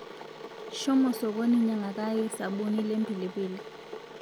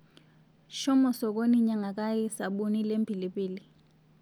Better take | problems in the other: second | background sound (Boiling / Water); 12 dB below the speech

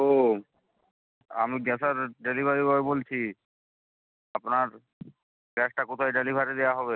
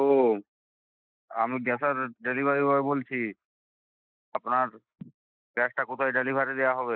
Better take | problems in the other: first | noise reduction (neural mask model Resemble Enhance denoiser)

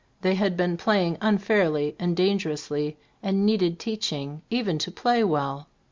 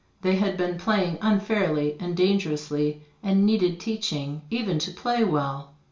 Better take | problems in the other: first | room echo; dies away in 0.4 s

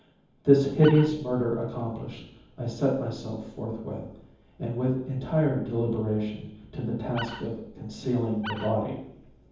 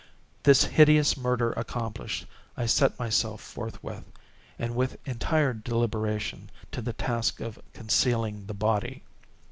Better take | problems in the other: second | background sound (Animal); 12 dB below the speech // room echo; dies away in 0.9 s

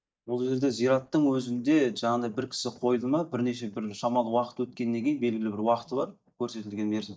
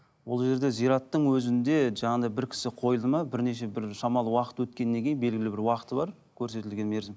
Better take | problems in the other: second | noise reduction (neural mask model DeepFilterNet 3)

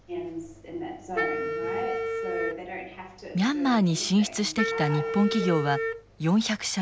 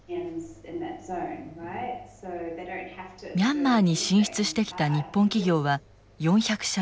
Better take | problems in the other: second | background sound (Wind instrument, woodwind instrument); 4 dB below the speech

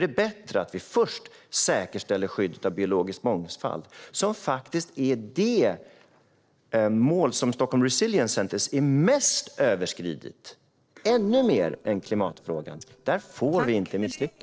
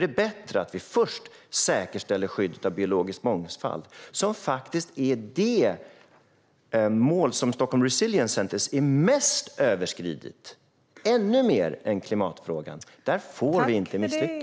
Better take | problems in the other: second | noise reduction (neural separator model SepFormer DNS4)

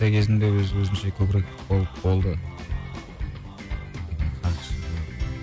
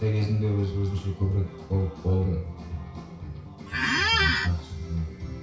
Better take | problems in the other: first | background sound (Squeak); 3 dB above the speech // room echo; dies away in 0.6 s

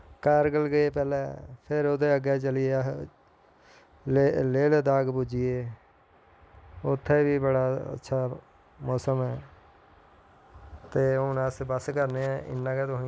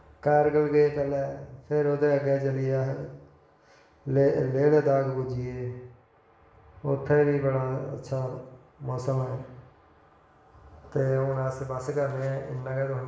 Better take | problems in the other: first | room echo; dies away in 0.9 s

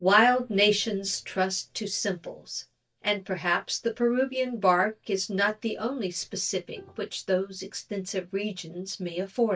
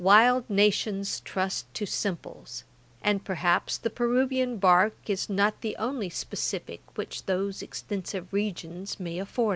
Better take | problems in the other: second | noise reduction (neural mask model DeepFilterNet 3)

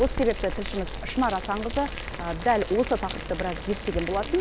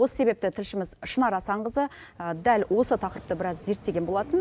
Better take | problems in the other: second | background sound (Boiling); 6 dB below the speech

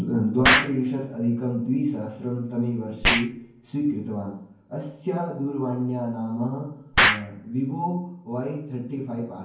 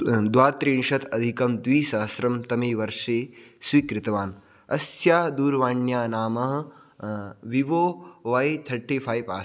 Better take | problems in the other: second | background sound (Explosion); 2 dB below the speech // room echo; dies away in 0.9 s

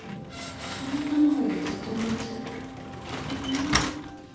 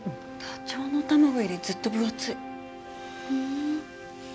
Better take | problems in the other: second | background sound (Slam); 5 dB below the speech // room echo; dies away in 1.2 s

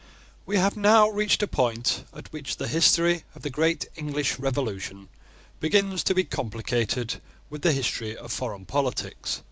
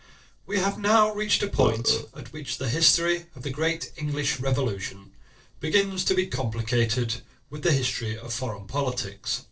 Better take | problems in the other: first | noise reduction (neural separator model SepFormer DNS4)

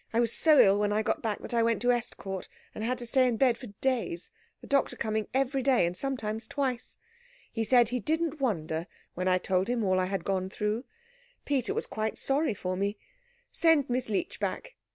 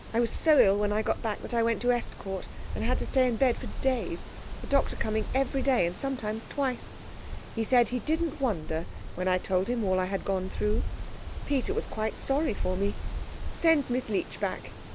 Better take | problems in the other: first | background sound (Wind); 5 dB below the speech

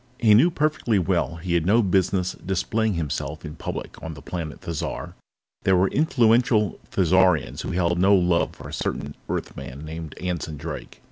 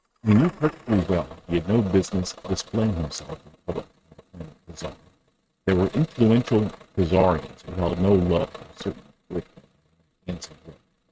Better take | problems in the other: first | noise reduction (neural mask model RNNoise)

